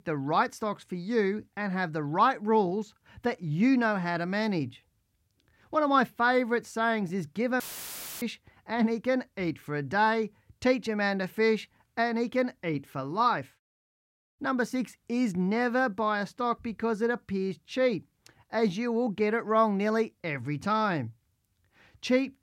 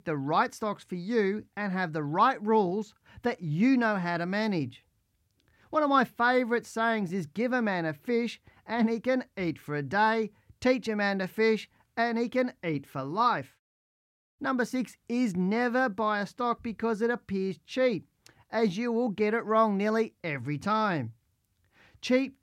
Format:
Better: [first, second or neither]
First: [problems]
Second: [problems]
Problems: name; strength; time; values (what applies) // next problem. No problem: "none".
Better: second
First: audio cutting out; filled with static; at 7.5 s for 0.5 s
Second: none